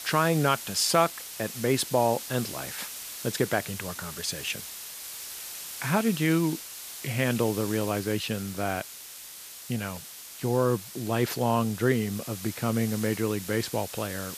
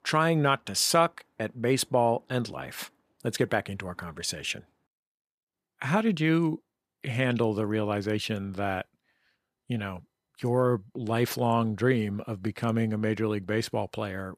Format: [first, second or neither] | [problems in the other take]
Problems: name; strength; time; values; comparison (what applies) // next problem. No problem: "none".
second | hiss; loud; throughout; 9 dB below the speech